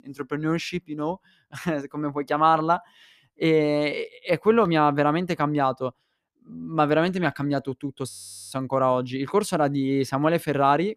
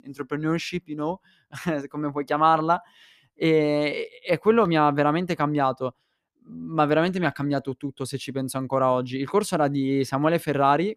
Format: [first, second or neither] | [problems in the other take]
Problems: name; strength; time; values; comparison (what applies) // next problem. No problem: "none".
second | audio freezing; at 8 s